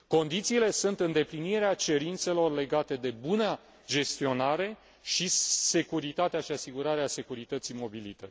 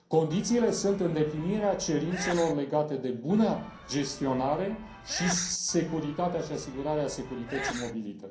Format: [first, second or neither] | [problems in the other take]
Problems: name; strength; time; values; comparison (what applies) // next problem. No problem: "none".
first | background sound (Sneeze / Church bell); 12 dB below the speech // room echo; dies away in 0.6 s